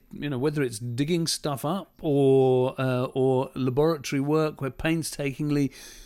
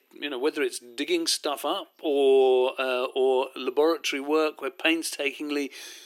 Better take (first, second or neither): first